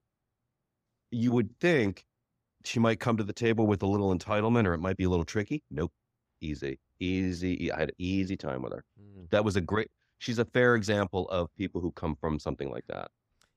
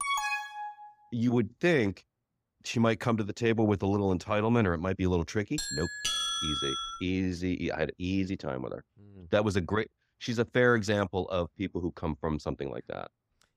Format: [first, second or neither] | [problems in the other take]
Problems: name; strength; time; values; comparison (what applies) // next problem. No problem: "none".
first | alarm; loud; at the start; peak 1 dB above the speech // doorbell; loud; from 5.5 to 7 s; peak 2 dB above the speech